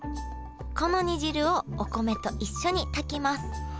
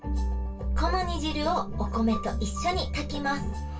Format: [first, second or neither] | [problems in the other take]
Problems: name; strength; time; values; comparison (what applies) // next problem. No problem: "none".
first | background sound (Organ); 13 dB below the speech // room echo; dies away in 0.2 s